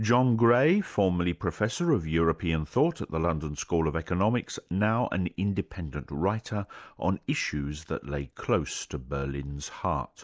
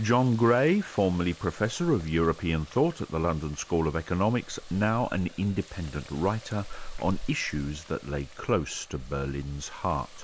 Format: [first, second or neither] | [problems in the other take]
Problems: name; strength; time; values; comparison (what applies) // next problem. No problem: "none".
first | background sound (Water tap, faucet); 15 dB below the speech